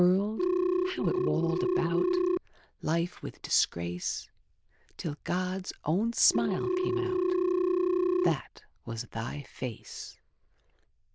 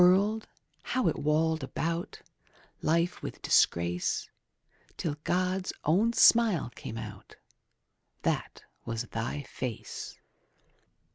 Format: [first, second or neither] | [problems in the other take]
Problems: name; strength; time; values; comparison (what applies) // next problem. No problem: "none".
second | noise reduction (neural diffusion model UNIVERSE++)